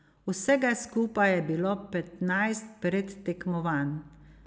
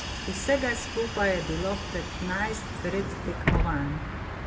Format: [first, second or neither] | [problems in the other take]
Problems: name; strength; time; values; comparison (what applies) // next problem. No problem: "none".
first | background sound (Bus); 1 dB below the speech // room echo; dies away in 0.8 s